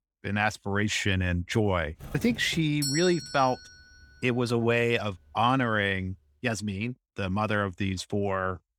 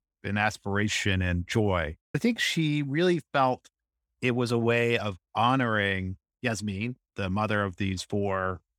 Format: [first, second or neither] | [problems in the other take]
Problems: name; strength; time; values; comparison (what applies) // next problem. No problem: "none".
second | doorbell; noticeable; from 2 to 3.5 s; peak 3 dB below the speech